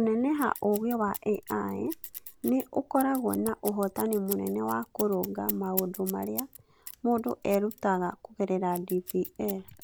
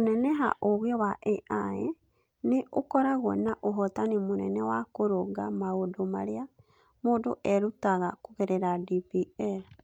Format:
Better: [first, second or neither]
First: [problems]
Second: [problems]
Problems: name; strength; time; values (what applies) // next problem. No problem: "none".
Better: second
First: background sound (Scissors); 13 dB below the speech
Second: none